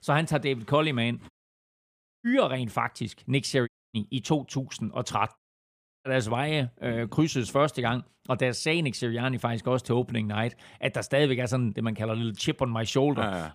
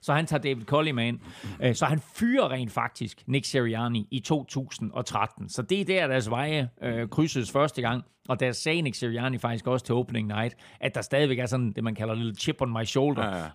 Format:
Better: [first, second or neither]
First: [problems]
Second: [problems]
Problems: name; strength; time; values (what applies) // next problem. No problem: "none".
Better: second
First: audio cutting out; at 1.5 s for 1 s, at 3.5 s and at 5.5 s for 0.5 s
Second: none